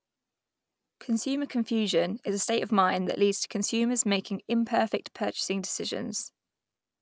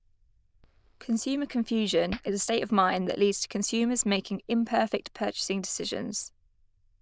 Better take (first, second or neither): first